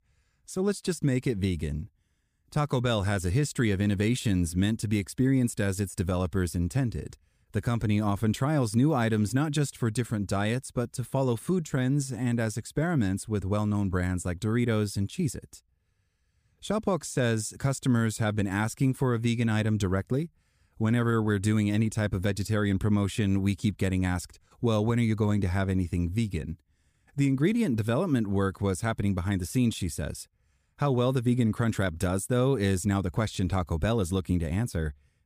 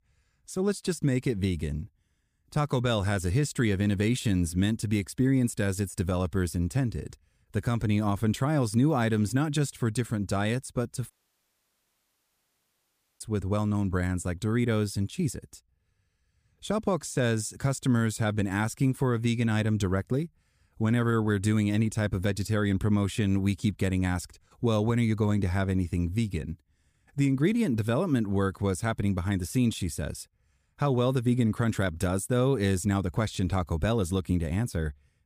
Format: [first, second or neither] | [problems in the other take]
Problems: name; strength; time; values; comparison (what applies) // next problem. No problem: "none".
first | audio cutting out; at 11 s for 2 s